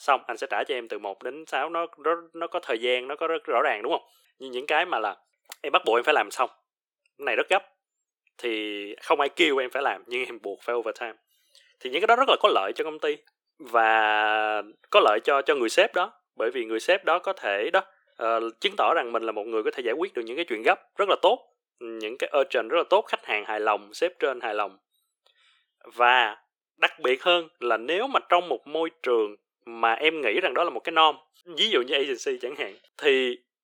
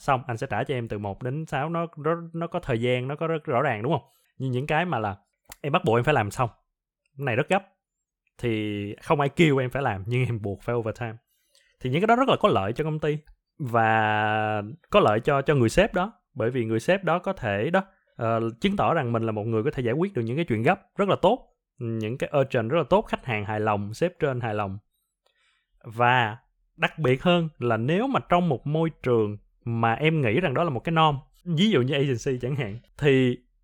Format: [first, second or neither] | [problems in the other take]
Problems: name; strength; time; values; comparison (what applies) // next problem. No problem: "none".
second | thin; very; fading below 350 Hz